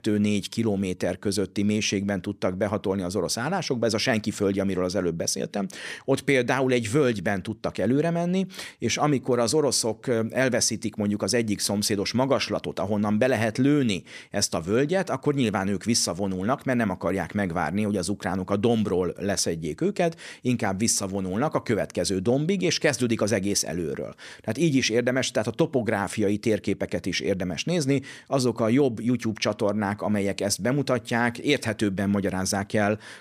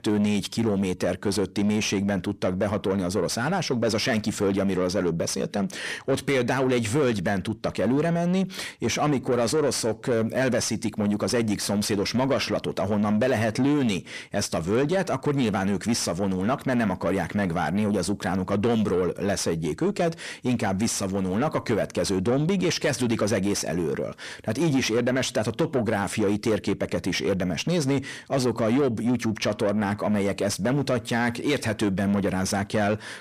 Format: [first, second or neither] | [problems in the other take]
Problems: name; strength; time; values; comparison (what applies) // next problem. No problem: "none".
first | distortion; slight; 10 dB below the speech